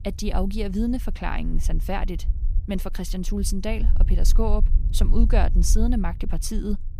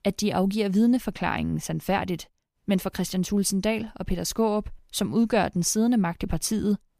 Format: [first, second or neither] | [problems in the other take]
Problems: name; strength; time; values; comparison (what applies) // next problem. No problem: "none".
second | low rumble; noticeable; throughout; 15 dB below the speech